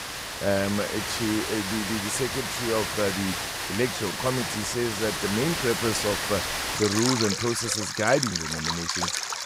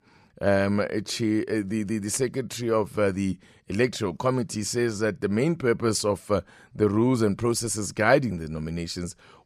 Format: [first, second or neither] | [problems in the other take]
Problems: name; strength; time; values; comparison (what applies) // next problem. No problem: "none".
second | rain or running water; loud; throughout; as loud as the speech